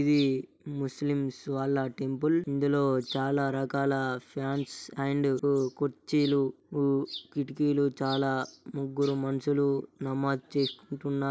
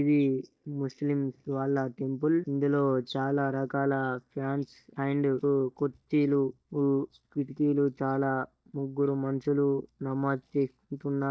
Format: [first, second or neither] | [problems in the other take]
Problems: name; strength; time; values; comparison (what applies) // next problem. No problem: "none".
first | noise reduction (neural mask model DeepFilterNet 3)